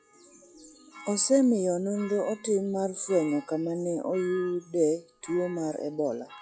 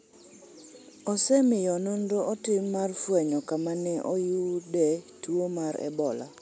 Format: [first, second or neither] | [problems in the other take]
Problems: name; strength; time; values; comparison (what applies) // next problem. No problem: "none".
second | noise reduction (classical method log-MMSE)